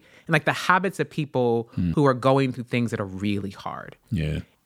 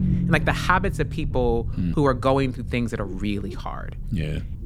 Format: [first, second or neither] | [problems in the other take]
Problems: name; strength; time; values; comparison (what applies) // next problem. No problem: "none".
first | low rumble; noticeable; throughout; 15 dB below the speech